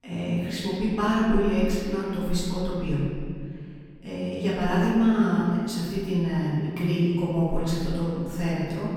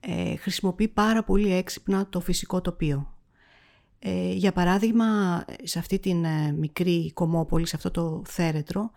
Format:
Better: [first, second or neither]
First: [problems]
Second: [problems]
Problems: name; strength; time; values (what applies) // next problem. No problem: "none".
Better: second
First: off-mic speech; far // room echo; strong; dies away in 2 s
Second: none